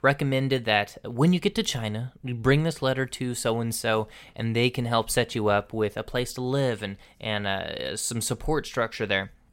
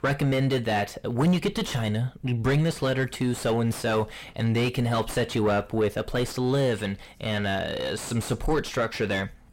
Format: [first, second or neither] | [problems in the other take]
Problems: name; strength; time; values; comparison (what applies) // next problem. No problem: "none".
first | distortion; heavy; 6 dB below the speech